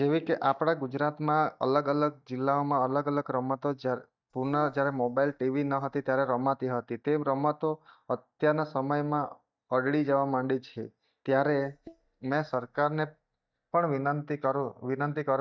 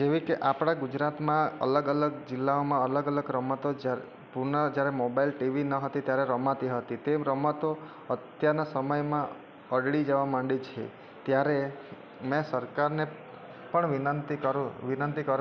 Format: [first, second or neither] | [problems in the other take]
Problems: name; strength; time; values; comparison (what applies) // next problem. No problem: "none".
second | noise reduction (neural mask model DeepFilterNet 3)